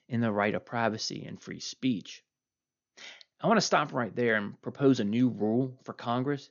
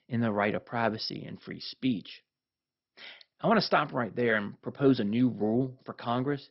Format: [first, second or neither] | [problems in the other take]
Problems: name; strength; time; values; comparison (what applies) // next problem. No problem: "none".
first | garbled, watery; badly; nothing above 5.5 kHz; slightly in the first